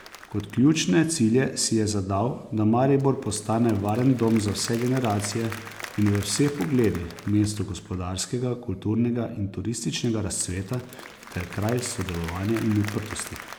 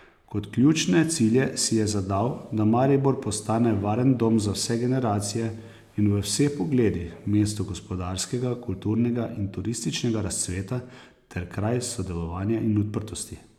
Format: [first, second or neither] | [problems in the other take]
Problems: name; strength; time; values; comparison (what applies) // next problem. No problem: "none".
second | background sound (Applause / Crowd); 18 dB below the speech